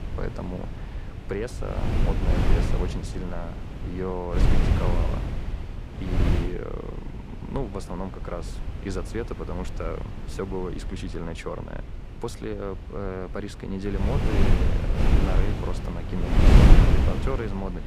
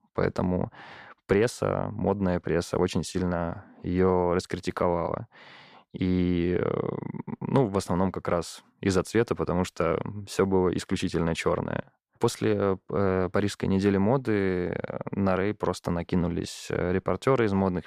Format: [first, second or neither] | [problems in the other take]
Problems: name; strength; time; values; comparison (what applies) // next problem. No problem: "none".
second | wind noise on the microphone; heavy; 2 dB above the speech